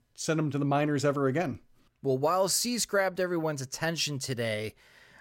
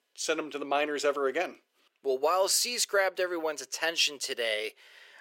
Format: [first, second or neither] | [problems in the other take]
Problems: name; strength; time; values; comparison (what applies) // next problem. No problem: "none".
first | thin; somewhat; fading below 400 Hz